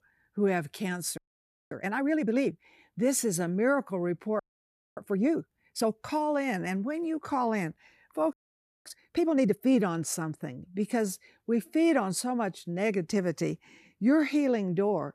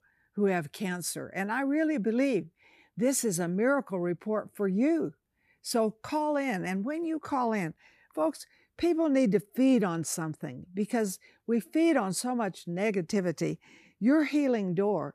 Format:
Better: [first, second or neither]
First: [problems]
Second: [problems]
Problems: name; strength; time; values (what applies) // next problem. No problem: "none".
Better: second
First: audio freezing; at 1 s for 0.5 s, at 4.5 s for 0.5 s and at 8.5 s for 0.5 s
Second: none